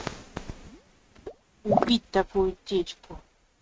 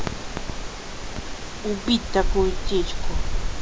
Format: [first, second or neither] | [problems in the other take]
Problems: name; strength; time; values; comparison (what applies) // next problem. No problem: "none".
second | noise reduction (neural mask model RNNoise)